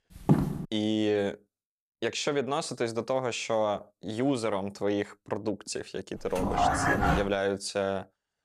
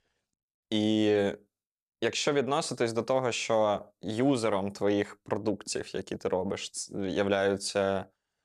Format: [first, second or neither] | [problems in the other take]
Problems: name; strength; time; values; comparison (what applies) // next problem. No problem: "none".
second | footsteps; loud; at 0.5 s; peak 5 dB above the speech // dog barking; loud; at 6.5 s; peak 5 dB above the speech